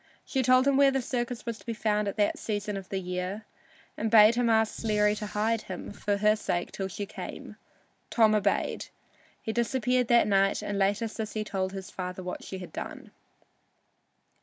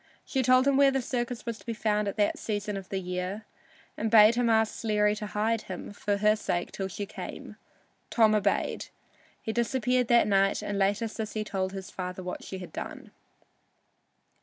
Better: second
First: background sound (Fire); 17 dB below the speech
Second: none

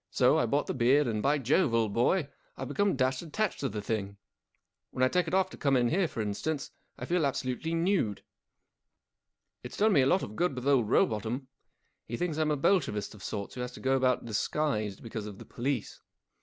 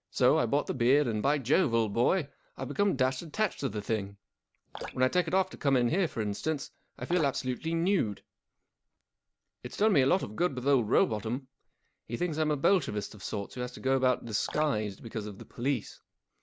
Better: first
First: none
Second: background sound (Drip); 18 dB below the speech

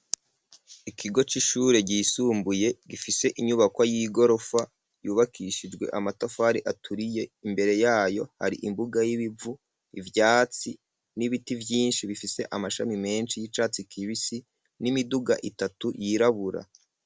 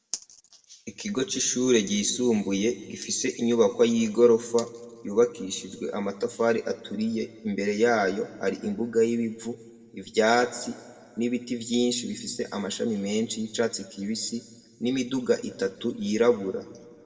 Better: first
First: none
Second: room echo; dies away in 1.2 s

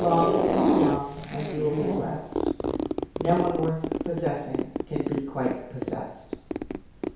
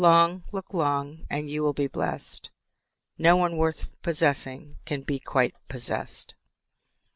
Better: second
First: background sound (Zipper (clothing)); 1 dB above the speech // room echo; dies away in 1 s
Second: none

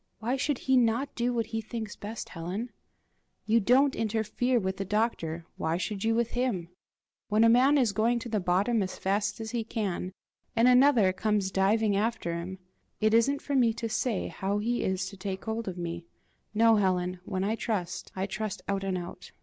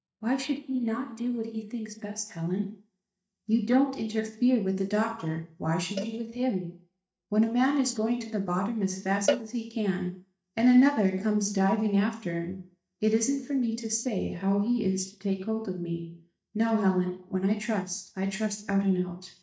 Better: first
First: none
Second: noise reduction (neural mask model DeepFilterNet 3)

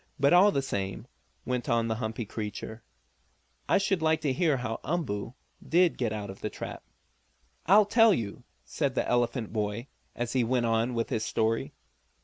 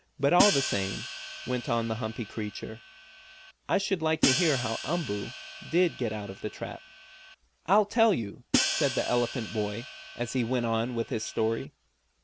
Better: first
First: none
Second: background sound (Hi-hat); 5 dB below the speech

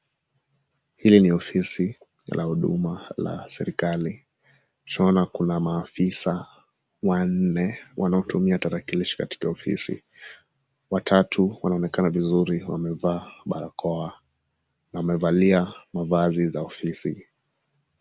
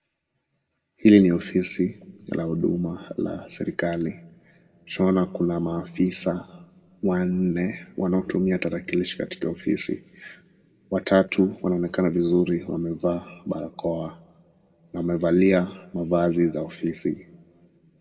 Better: first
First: none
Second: room echo; dies away in 0.2 s

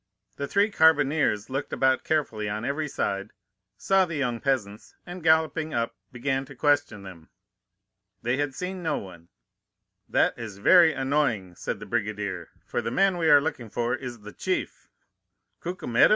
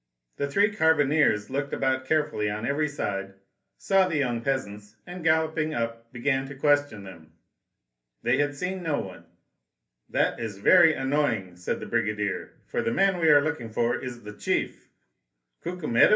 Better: first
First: none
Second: room echo; dies away in 0.3 s

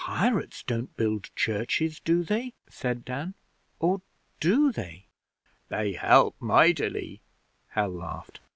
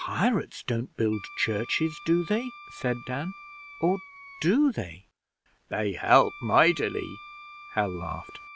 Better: first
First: none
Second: background sound (Wind instrument, woodwind instrument); 18 dB below the speech

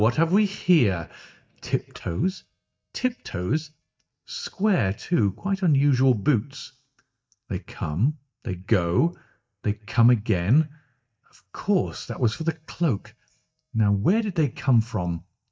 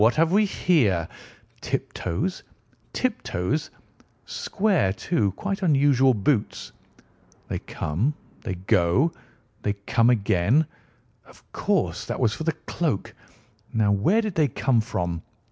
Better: second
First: noise reduction (neural mask model DeepFilterNet 3)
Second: none

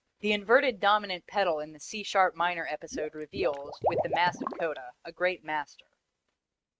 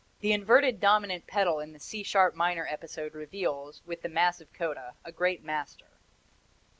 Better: second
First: noise reduction (neural mask model RNNoise)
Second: none

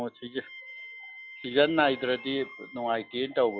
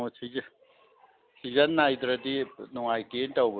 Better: second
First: noise reduction (classical method log-MMSE)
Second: none

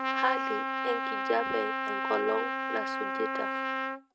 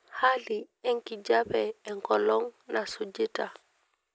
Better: second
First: noise reduction (neural mask model RNNoise)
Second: none

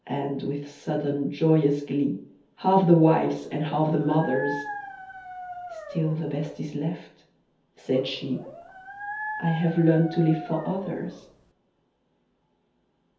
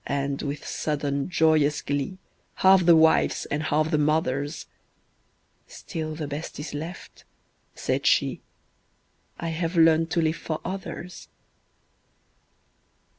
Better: second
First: background sound (Dog); 12 dB below the speech // room echo; dies away in 0.5 s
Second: none

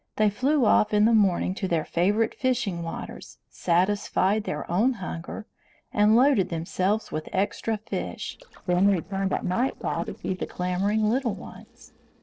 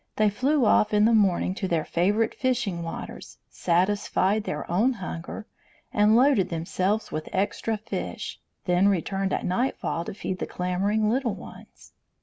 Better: second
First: noise reduction (neural separator model SepFormer DNS4)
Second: none

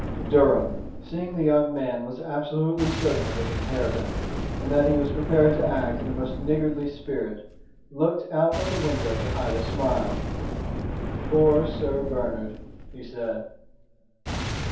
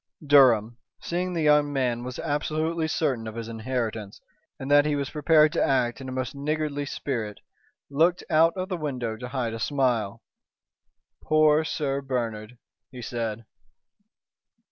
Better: second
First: background sound (Boom); 5 dB below the speech // room echo; dies away in 0.6 s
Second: none

